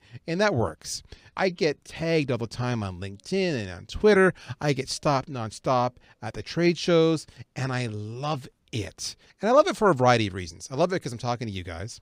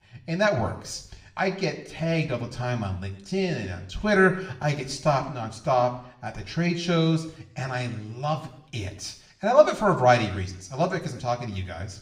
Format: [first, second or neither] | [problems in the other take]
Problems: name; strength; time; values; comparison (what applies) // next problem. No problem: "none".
first | room echo; very slight; dies away in 0.6 s // off-mic speech; somewhat distant